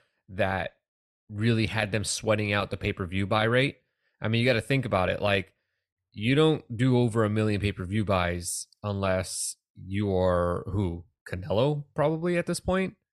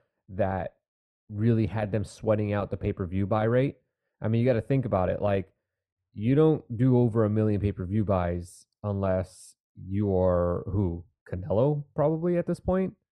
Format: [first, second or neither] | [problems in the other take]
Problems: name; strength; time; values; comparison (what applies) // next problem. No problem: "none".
first | muffled; very; fading above 1.5 kHz